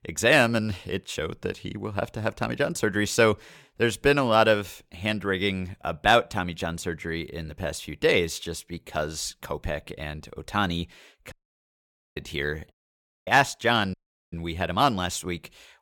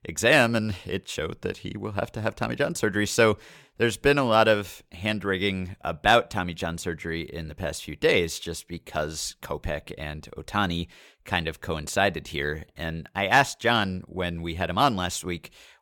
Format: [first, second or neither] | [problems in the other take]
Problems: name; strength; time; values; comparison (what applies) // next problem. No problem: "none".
second | audio cutting out; at 11 s for 1 s, at 13 s for 0.5 s and at 14 s